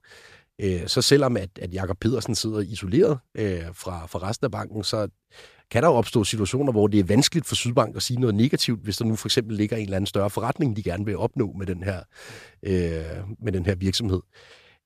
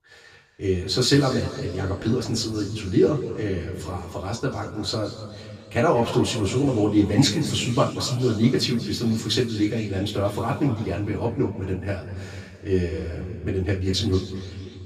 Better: first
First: none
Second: room echo; slight; dies away in 2.3 s // off-mic speech; far

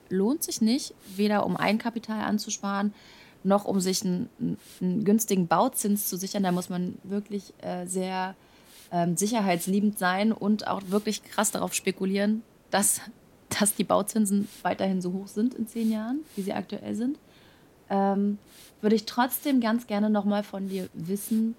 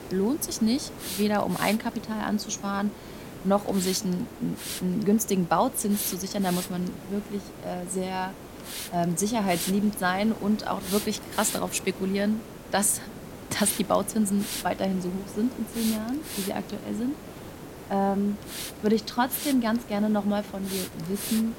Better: first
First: hiss; faint; throughout; 25 dB below the speech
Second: hiss; loud; throughout; 10 dB below the speech

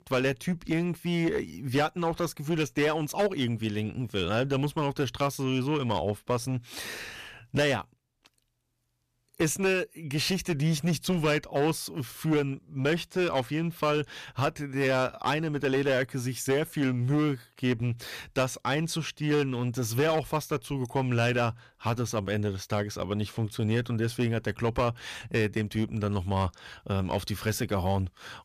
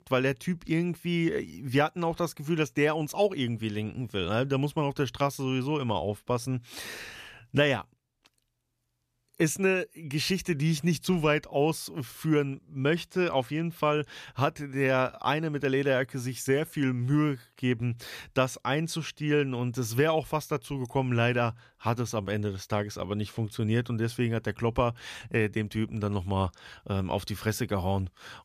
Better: second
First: distortion; slight; 9% of the sound clipped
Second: none

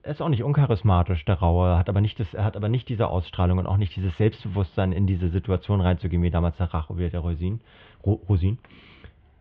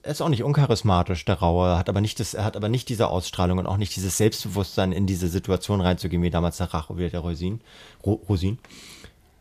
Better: second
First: muffled; very; fading above 3 kHz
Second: none

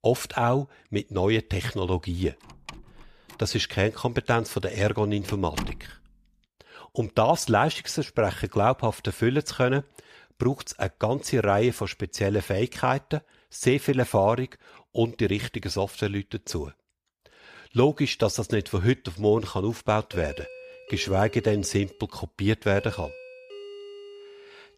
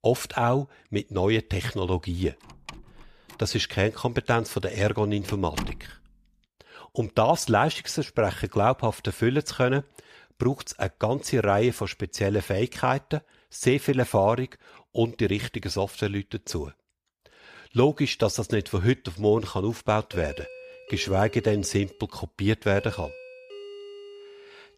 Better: neither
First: door banging; noticeable; from 2.5 to 6 s; peak 8 dB below the speech // doorbell; faint; from 20 s on; peak 15 dB below the speech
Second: door banging; noticeable; from 2.5 to 6 s; peak 8 dB below the speech // doorbell; faint; from 20 s on; peak 15 dB below the speech

